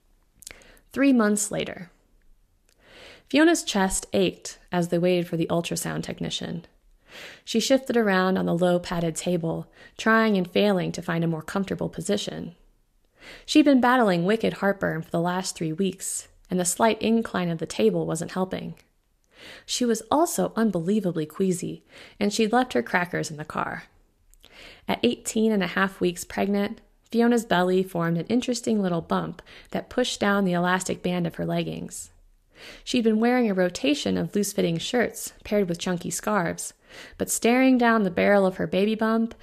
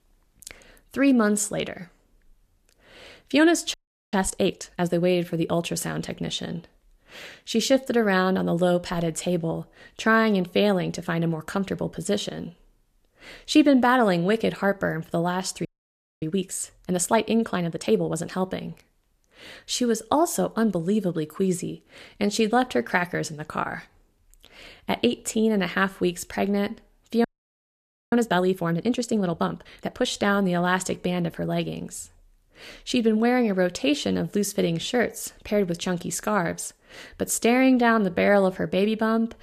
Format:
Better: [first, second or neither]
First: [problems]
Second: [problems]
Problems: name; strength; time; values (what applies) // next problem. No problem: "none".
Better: first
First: none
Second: audio freezing; at 3.5 s, at 16 s for 0.5 s and at 27 s for 1 s